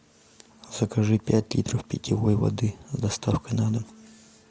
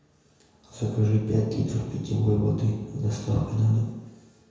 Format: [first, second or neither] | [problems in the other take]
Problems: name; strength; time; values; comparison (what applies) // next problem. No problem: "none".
first | room echo; dies away in 1.2 s